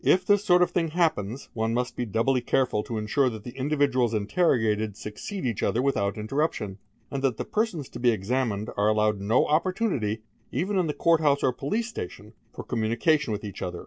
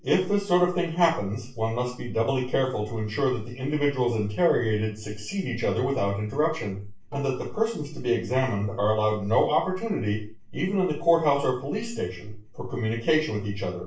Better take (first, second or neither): first